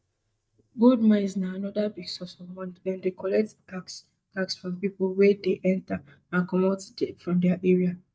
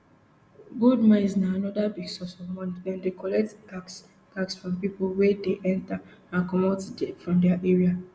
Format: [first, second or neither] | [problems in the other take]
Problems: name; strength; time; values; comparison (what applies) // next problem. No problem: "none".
second | noise reduction (neural mask model DeepFilterNet 3)